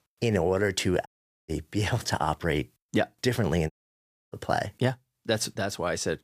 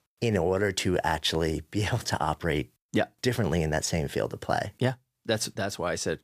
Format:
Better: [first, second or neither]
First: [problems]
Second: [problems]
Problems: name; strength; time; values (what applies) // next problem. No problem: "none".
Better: second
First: audio cutting out; at 1 s and at 3.5 s for 0.5 s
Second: none